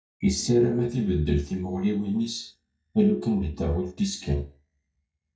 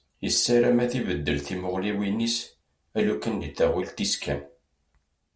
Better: second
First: noise reduction (neural mask model DeepFilterNet 3)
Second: none

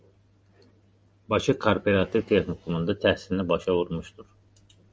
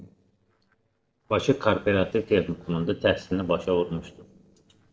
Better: first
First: none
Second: noise reduction (neural separator model SepFormer DNS4)

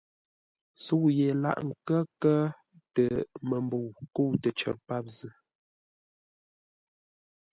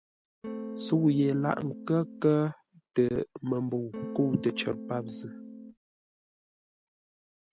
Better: first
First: none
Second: background sound (Electric guitar / Strum); 9 dB below the speech

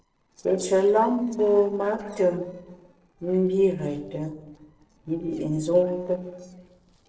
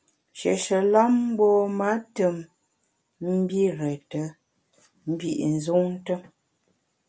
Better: second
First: noise reduction (neural separator model SepFormer DNS4)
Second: none

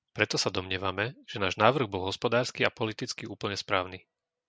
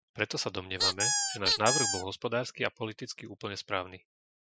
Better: first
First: none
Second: noise reduction (classical method Wiener filter)

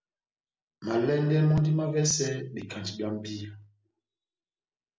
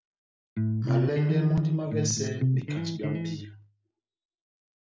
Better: first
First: none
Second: background sound (Electric guitar); 4 dB above the speech

